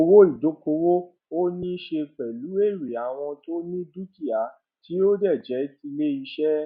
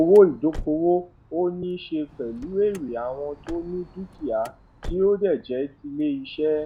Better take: first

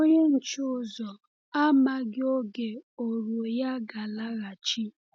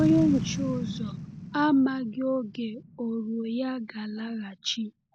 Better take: first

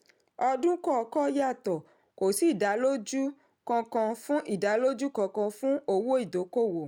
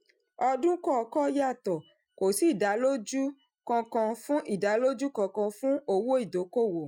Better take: first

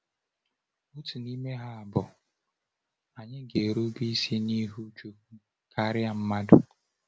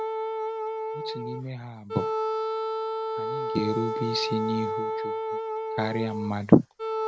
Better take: first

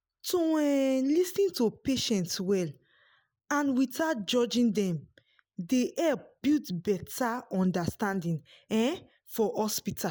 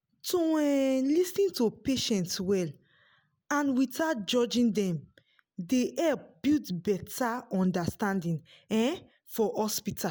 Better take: second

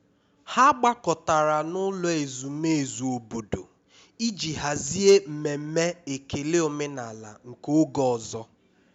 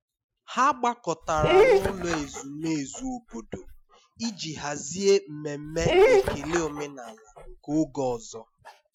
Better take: first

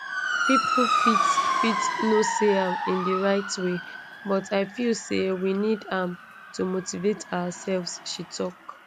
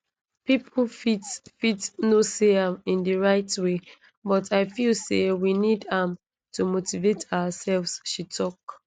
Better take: second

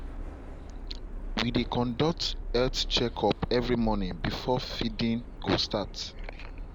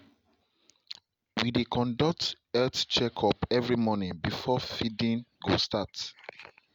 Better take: second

